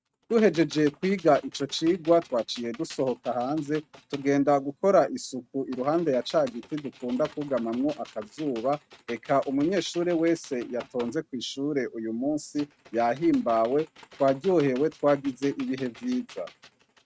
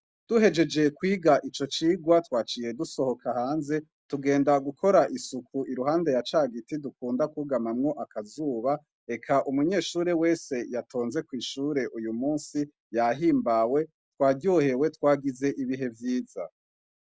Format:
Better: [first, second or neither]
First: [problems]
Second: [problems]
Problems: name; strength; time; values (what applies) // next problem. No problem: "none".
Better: second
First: noise reduction (neural mask model RNNoise)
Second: none